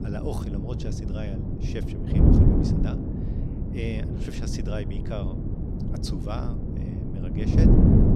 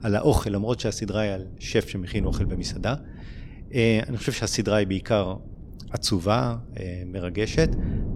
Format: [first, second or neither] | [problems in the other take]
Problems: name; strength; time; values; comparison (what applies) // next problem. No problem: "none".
second | wind noise on the microphone; heavy; 5 dB above the speech; occasional gusts in the second